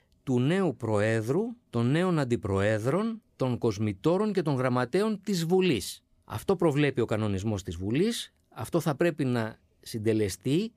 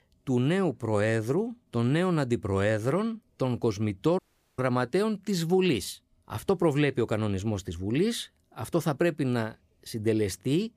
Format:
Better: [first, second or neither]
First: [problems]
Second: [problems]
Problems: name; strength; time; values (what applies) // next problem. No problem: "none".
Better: first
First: none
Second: audio cutting out; at 4 s